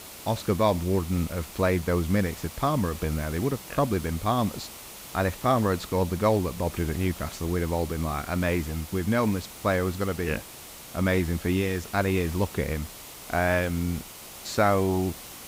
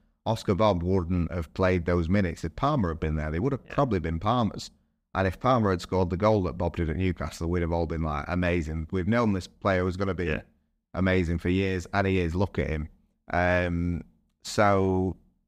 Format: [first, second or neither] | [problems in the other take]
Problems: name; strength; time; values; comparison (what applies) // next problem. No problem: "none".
second | hiss; noticeable; throughout; 15 dB below the speech